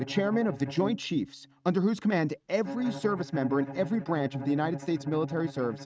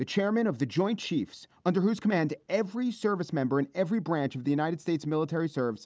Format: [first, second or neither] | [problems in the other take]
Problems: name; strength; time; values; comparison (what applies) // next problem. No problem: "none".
second | noise reduction (neural mask model RNNoise)